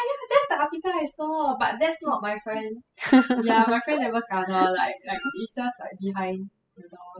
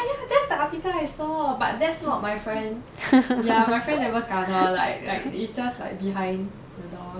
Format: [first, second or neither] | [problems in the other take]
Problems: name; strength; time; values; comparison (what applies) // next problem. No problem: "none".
second | noise reduction (classical method spectral subtraction)